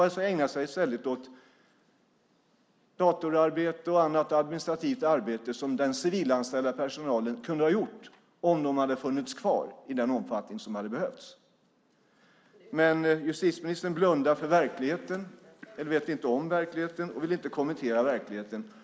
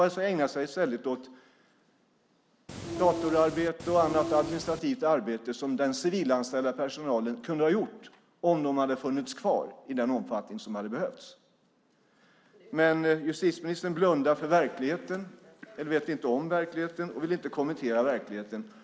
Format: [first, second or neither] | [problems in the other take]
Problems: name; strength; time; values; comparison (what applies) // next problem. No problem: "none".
first | background sound (Train); 6 dB below the speech